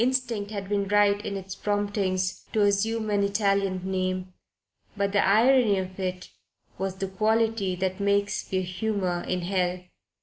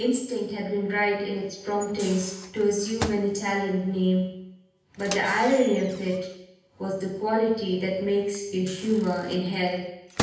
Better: first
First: none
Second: background sound (Microwave oven); 14 dB below the speech // room echo; dies away in 0.9 s

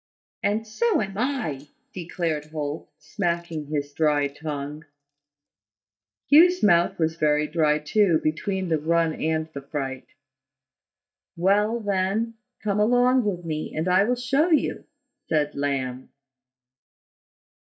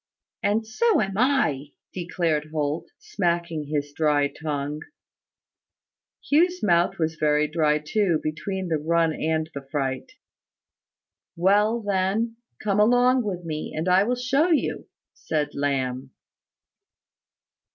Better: second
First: noise reduction (neural mask model DeepFilterNet 3)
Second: none

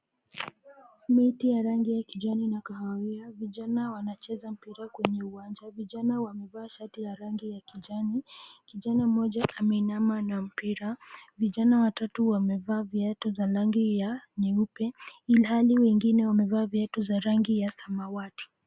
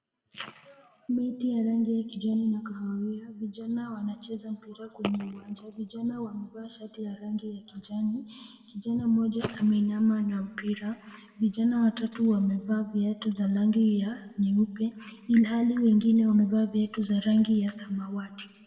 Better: first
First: none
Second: room echo; dies away in 1.6 s

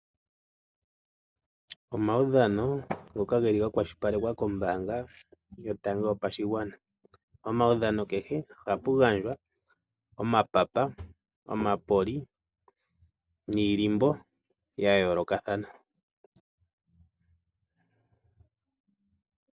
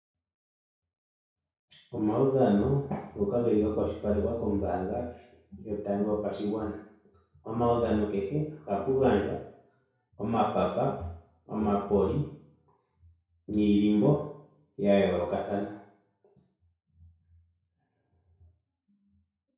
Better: first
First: none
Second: room echo; dies away in 0.6 s

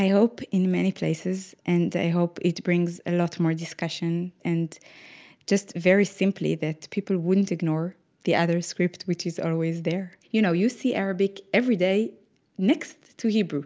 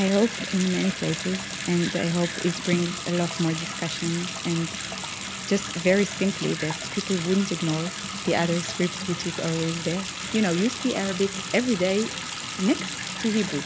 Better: first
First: none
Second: background sound (Bathtub (filling or washing) / Sink (filling or washing) / Water tap, faucet); 6 dB below the speech

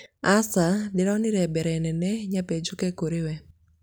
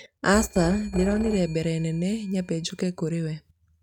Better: first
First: none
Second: noise reduction (neural mask model RNNoise)

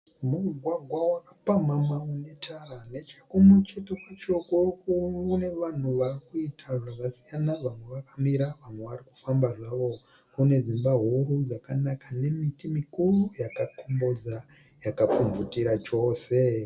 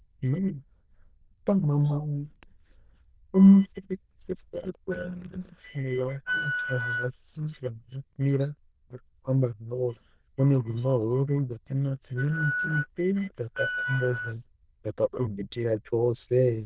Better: first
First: none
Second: noise reduction (neural diffusion model UNIVERSE++)

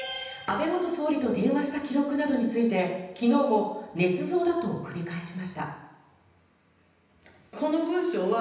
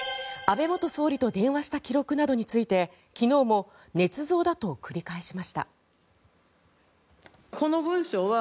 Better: second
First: room echo; dies away in 0.9 s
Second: none

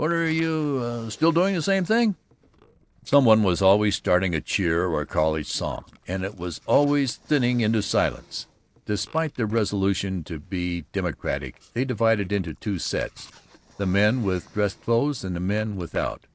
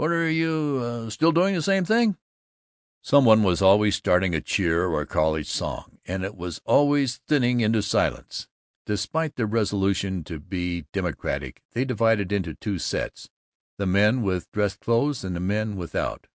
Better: second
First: noise reduction (neural separator model SepFormer DNS4)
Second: none

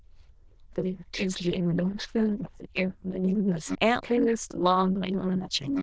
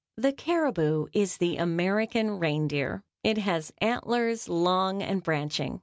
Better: second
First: noise reduction (neural diffusion model UNIVERSE++)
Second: none

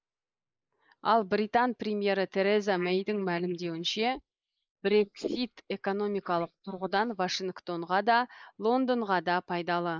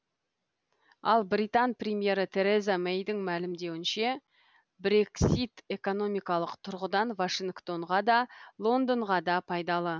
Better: second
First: noise reduction (neural mask model Resemble Enhance denoiser)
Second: none

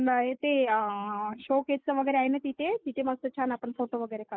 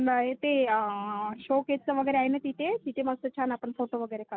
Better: second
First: noise reduction (neural mask model Resemble Enhance denoiser)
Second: none

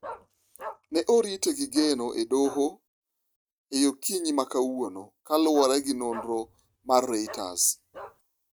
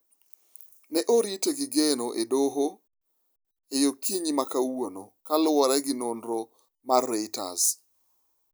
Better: second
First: noise reduction (neural mask model RNNoise)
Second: none

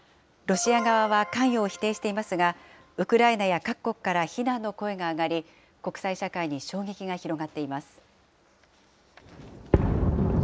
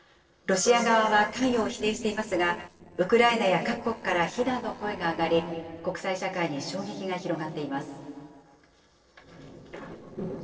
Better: first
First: none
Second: noise reduction (neural separator model SepFormer DNS4)

